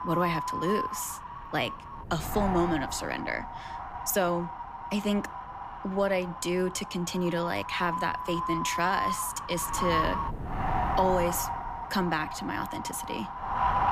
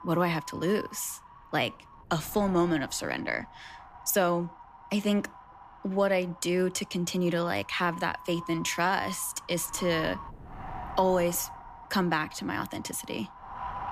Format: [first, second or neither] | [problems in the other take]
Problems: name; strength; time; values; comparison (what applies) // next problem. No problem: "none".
second | wind noise on the microphone; heavy; 1 dB below the speech; occasional gusts in the second